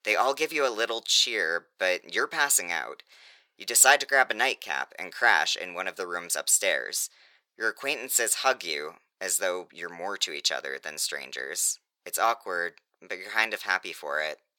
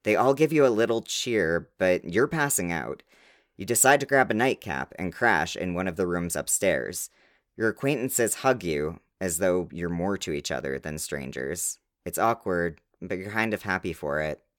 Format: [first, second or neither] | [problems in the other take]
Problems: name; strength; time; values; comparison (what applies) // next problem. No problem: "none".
second | thin; very; fading below 750 Hz